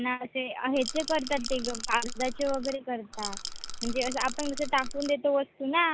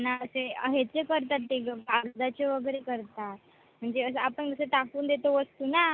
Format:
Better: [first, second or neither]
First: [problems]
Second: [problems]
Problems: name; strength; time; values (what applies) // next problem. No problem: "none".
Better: second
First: background sound (Rattle / Rattle (instrument)); 6 dB below the speech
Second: none